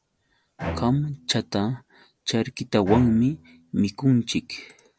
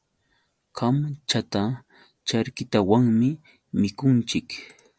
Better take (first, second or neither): second